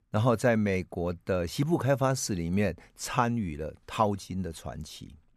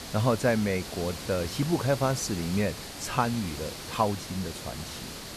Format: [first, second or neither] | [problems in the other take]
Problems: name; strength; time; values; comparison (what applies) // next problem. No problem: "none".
first | hiss; loud; throughout; 9 dB below the speech